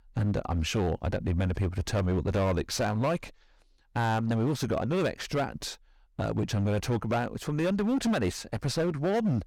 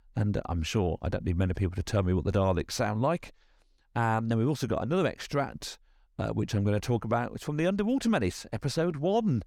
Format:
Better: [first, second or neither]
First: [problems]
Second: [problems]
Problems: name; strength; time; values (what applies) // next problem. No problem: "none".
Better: second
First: distortion; slight; 12% of the sound clipped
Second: none